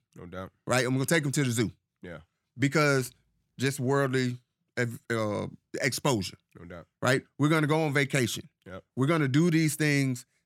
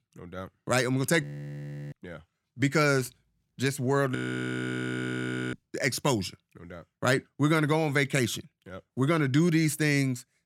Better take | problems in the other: first | audio freezing; at 1 s for 0.5 s and at 4 s for 1.5 s

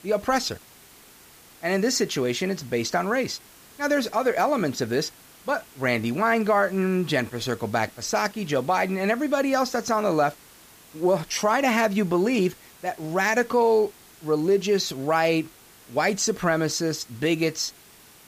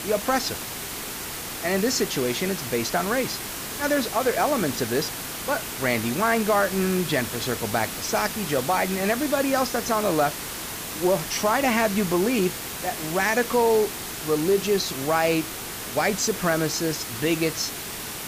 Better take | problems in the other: first | hiss; loud; throughout; 6 dB below the speech; faint in the first

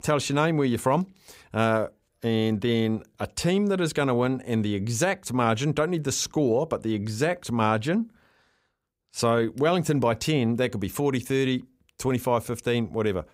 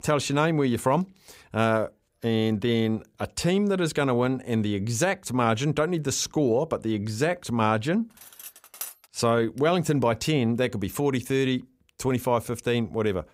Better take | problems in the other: first | clattering dishes; faint; at 8 s; peak 10 dB below the speech

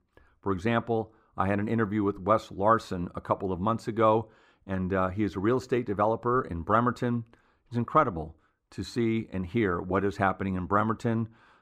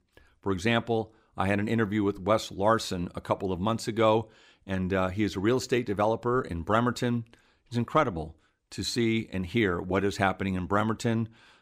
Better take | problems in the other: second | muffled; slightly; fading above 2 kHz

